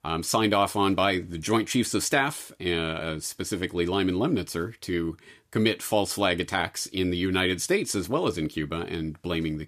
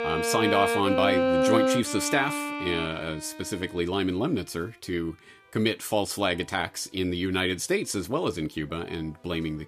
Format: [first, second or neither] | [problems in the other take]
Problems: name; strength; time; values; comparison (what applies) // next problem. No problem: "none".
first | background music; very loud; throughout; 2 dB above the speech